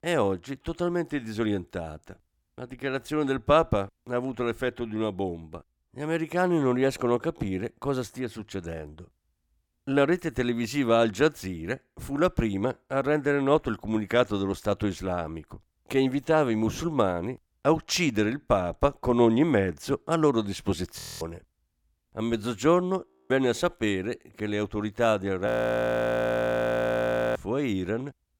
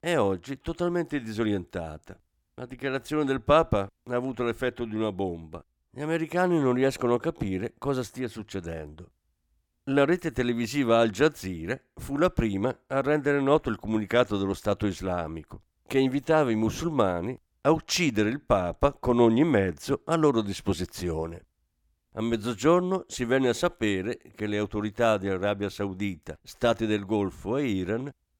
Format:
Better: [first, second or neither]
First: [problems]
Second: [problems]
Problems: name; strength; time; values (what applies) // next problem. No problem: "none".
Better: second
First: audio freezing; at 21 s, at 23 s and at 25 s for 2 s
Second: none